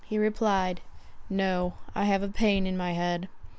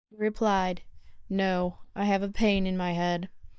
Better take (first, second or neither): first